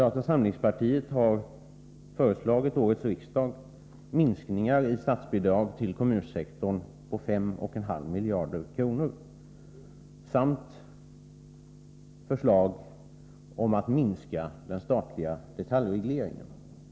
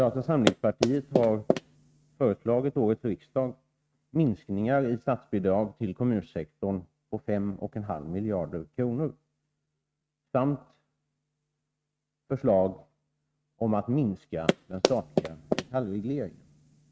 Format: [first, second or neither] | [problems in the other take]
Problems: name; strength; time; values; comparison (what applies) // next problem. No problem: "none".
first | noise reduction (neural mask model RNNoise)